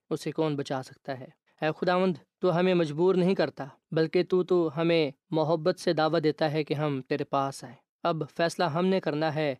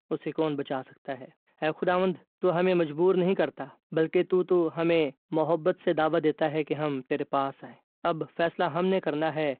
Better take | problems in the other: first | phone-call audio; nothing above 4 kHz

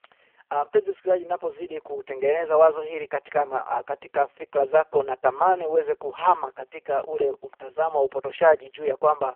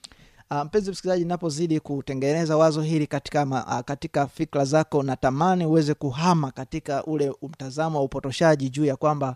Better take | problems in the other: second | phone-call audio; poor line

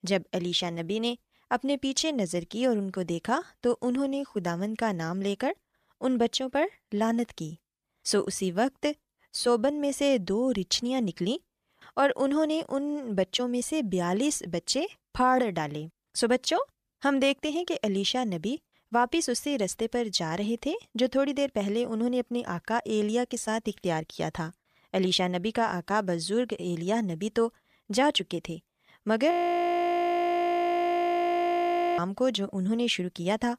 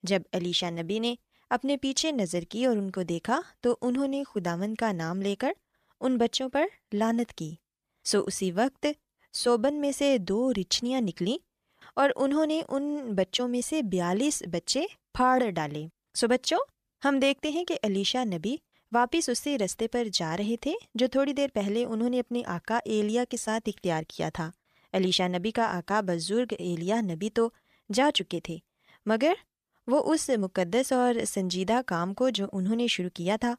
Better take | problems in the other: second | audio freezing; at 29 s for 2.5 s

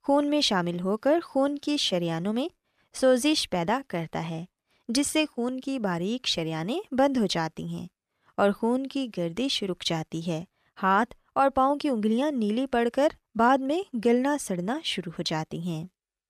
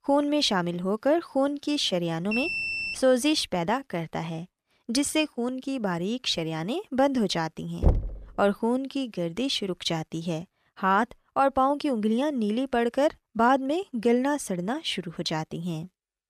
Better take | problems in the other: first | alarm; noticeable; at 2.5 s; peak level with the speech // door banging; loud; at 8 s; peak level with the speech

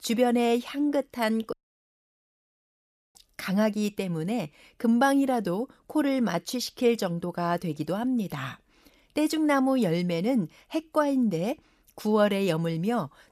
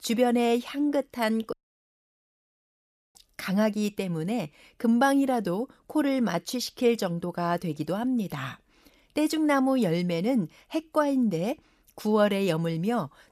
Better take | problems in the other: neither | audio cutting out; at 1.5 s for 1.5 s; the same in both

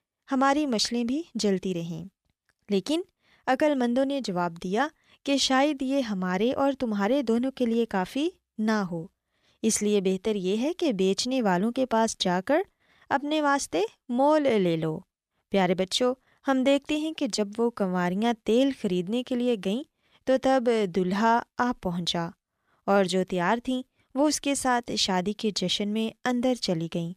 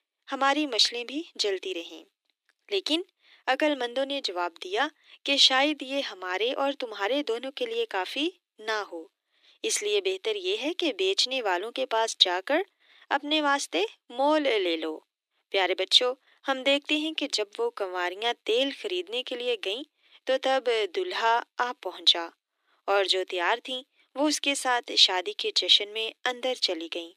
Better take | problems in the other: first | thin; somewhat; fading below 300 Hz

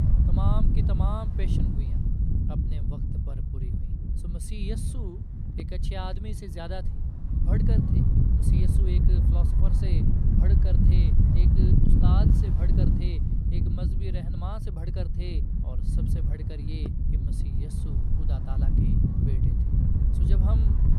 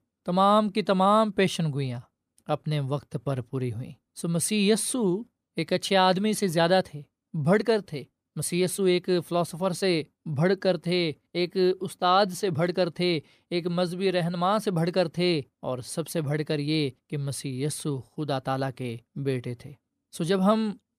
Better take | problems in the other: second | wind noise on the microphone; heavy; 3 dB above the speech

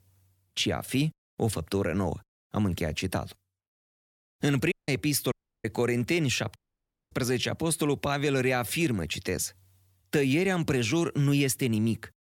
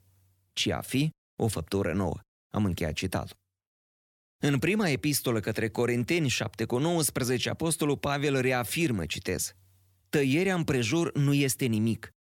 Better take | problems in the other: second | audio cutting out; at 4.5 s, at 5.5 s and at 6.5 s for 0.5 s

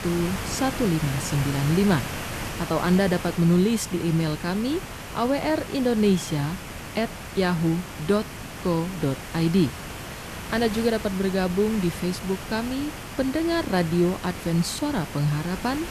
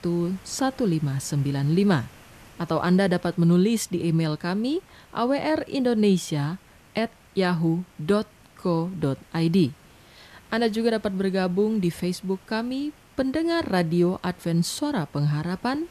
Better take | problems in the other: second | hiss; loud; throughout; 9 dB below the speech; faint in the second

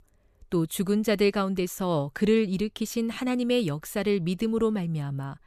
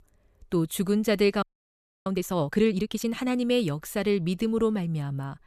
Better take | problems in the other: first | audio freezing; at 1.5 s for 0.5 s

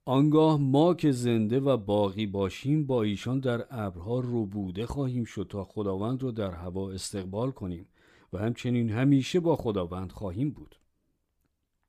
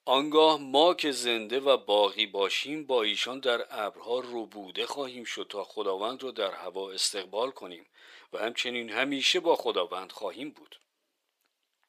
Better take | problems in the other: first | thin; very; fading below 500 Hz

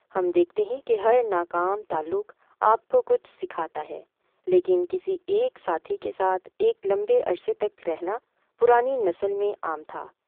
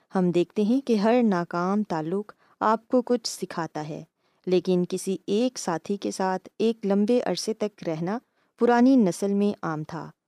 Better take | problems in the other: second | phone-call audio; poor line

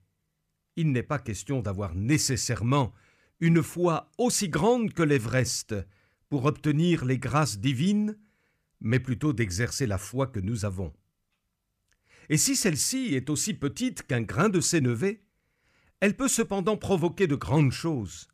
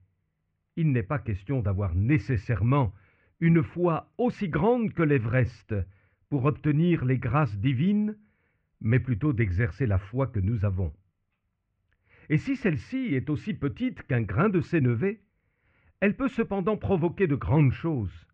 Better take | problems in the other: first | muffled; very; fading above 2.5 kHz

